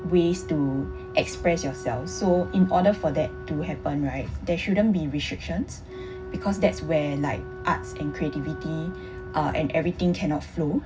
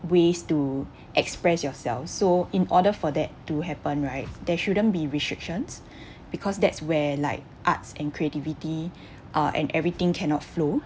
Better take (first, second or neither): second